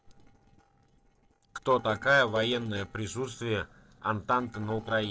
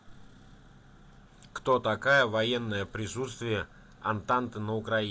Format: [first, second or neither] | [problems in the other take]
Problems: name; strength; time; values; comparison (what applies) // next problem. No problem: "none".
second | noise reduction (neural separator model SepFormer DNS4)